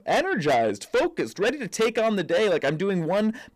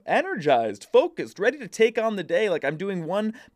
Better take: second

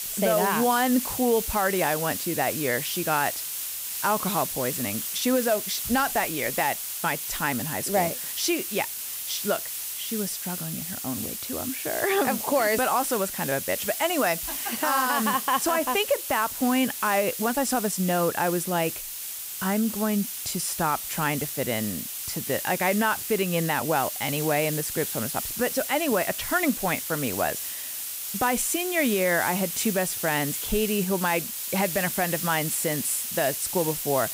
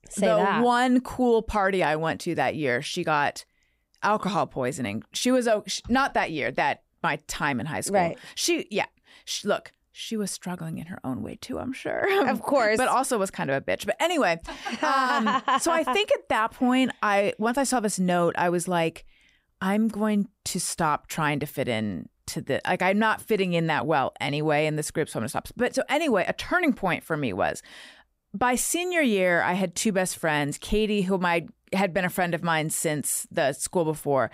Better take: second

